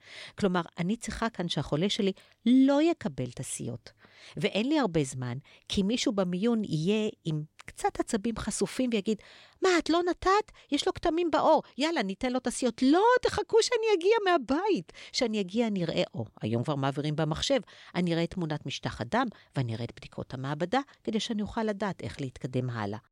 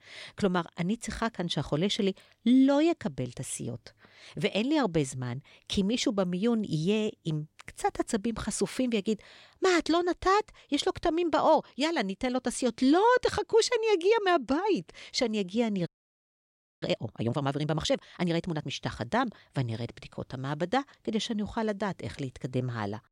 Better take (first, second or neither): first